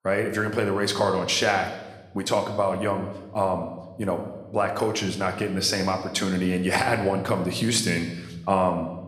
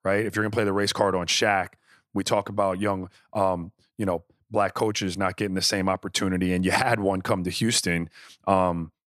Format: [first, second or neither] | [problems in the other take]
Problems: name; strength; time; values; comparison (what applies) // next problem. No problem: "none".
second | room echo; slight; dies away in 1 s